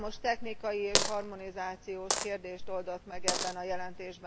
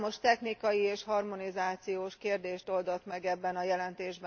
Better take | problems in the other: second | background sound (Coin (dropping)); 1 dB above the speech

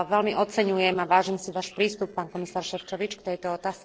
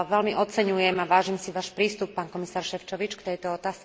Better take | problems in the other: second | noise reduction (neural separator model SepFormer DNS4)

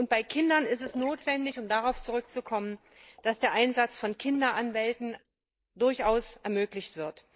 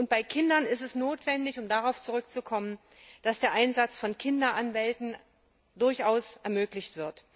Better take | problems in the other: second | noise reduction (neural mask model Resemble Enhance denoiser)

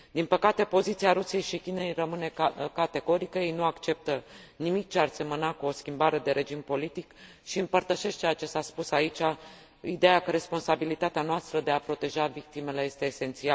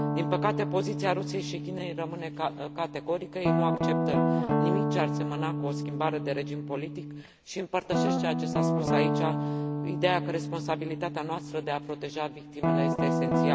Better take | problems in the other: first | background sound (Guitar); 3 dB above the speech

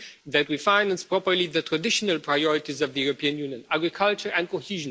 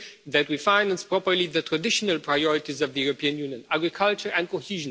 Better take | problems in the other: second | noise reduction (neural mask model Resemble Enhance denoiser)

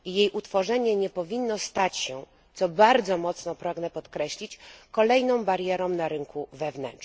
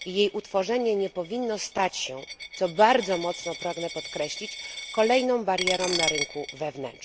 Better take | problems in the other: first | background sound (Coin (dropping)); 9 dB below the speech

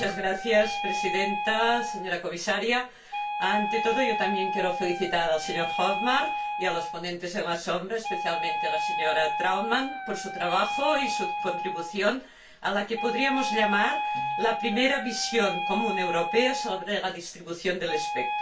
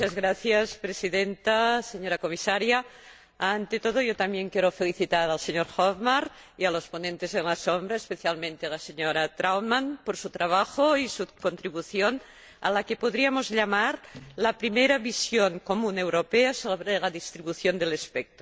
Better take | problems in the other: second | background sound (Wind instrument, woodwind instrument); 3 dB below the speech // room echo; dies away in 0.2 s

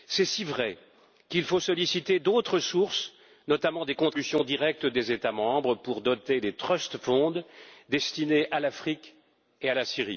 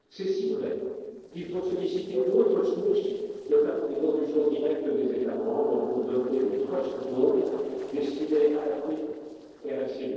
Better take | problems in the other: first | noise reduction (neural separator model SepFormer DNS4)

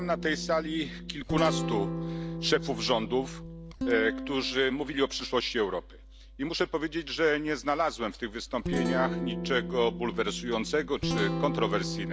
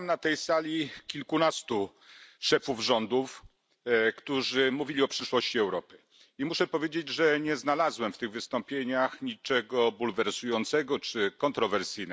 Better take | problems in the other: second | background sound (Guitar); 5 dB below the speech

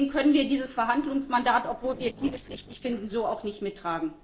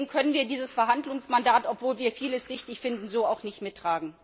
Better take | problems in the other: second | noise reduction (neural separator model SepFormer DNS4)

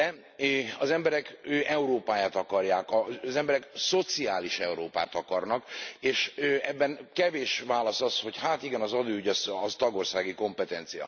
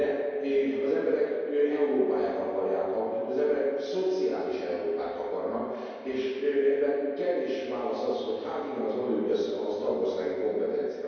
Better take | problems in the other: first | room echo; dies away in 2.2 s

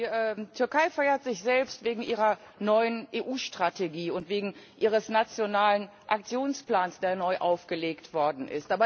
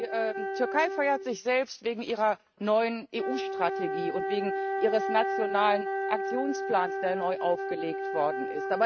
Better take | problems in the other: first | noise reduction (neural mask model RNNoise)

